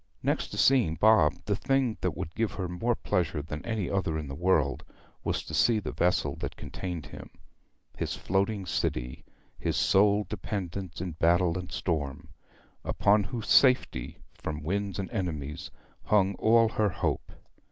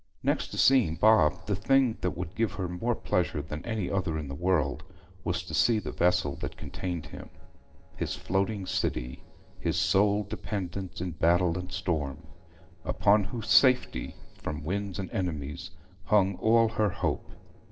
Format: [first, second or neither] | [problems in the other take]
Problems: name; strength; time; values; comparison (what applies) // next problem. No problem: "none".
first | noise reduction (neural separator model SepFormer DNS4)